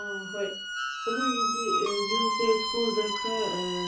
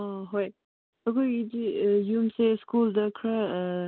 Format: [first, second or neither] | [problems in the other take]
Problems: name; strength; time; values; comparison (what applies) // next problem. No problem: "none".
second | background sound (Squeak); 1 dB above the speech // room echo; dies away in 0.3 s